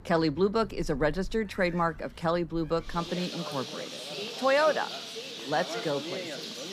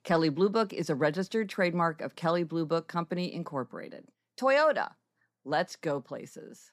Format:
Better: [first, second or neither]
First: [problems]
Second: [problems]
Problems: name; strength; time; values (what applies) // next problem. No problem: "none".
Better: second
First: animal sounds; loud; throughout; 8 dB below the speech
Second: none